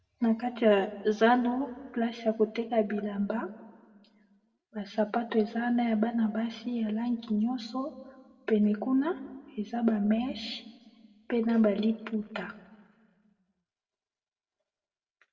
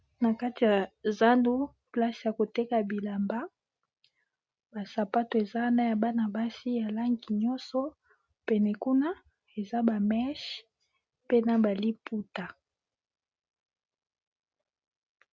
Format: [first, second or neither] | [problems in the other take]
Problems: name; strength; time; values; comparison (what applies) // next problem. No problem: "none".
second | room echo; dies away in 0.9 s